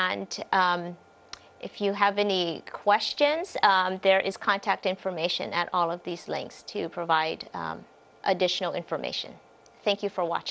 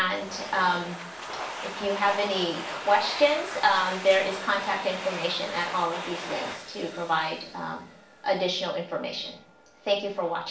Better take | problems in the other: first | background sound (Domestic sounds, home sounds); 10 dB below the speech // room echo; dies away in 0.4 s

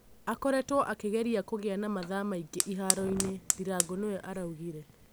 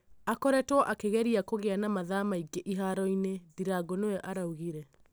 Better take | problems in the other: second | background sound (Fire); 6 dB below the speech

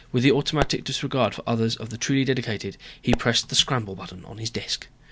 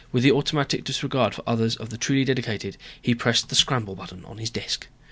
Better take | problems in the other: second | background sound (Explosion); 9 dB below the speech

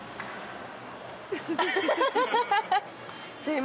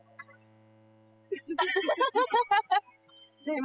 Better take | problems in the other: first | noise reduction (classical method spectral subtraction)

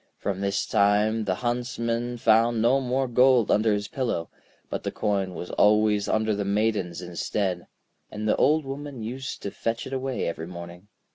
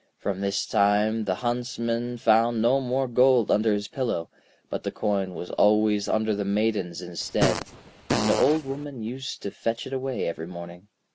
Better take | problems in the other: first | background sound (Fart); 4 dB below the speech

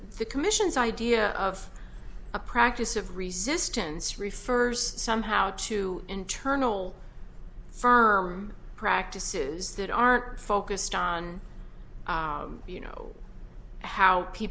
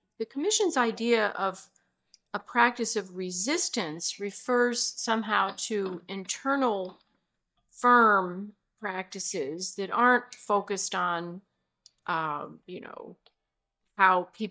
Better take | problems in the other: first | noise reduction (neural mask model DeepFilterNet 3)

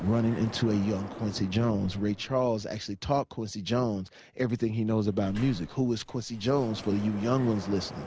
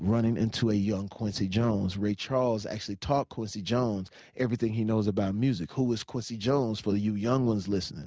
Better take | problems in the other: second | background sound (Sliding door); 17 dB below the speech

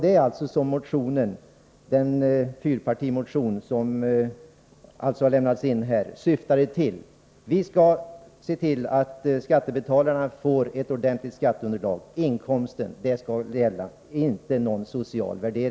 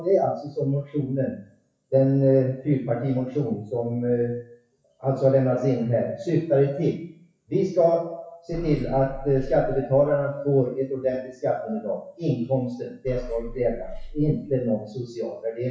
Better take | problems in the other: first | noise reduction (classical method WPE with log-MMSE)

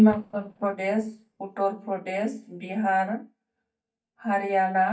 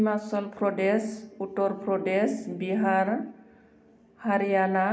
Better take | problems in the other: second | noise reduction (neural mask model DeepFilterNet 3)

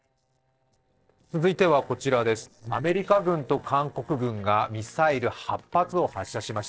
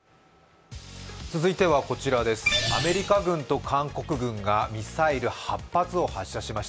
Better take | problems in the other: second | noise reduction (neural separator model SepFormer DNS4)

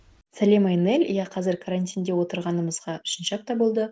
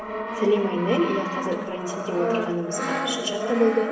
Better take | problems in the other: first | background sound (Brass instrument); 3 dB below the speech // room echo; dies away in 2 s

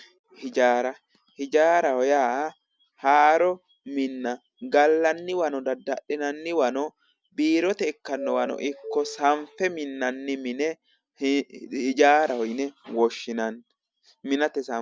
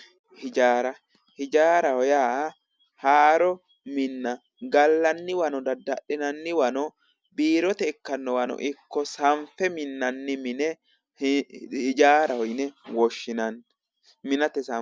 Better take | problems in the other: second | background sound (Doorbell); 13 dB below the speech

